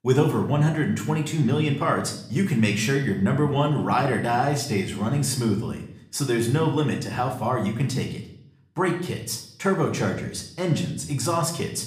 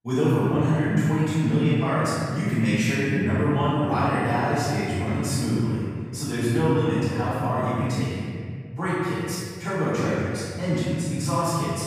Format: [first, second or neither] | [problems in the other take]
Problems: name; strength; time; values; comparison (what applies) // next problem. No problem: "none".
first | room echo; strong; dies away in 2.3 s; slight in the first // off-mic speech; far; somewhat distant in the first